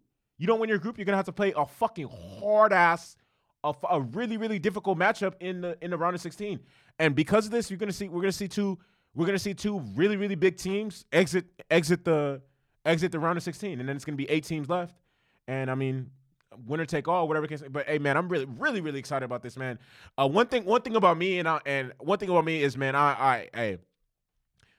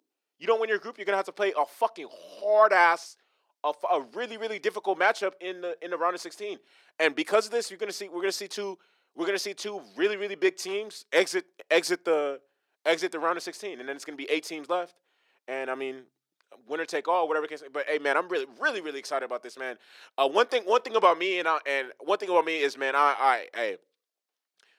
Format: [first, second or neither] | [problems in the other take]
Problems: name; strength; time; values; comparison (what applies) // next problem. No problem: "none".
first | thin; very; fading below 350 Hz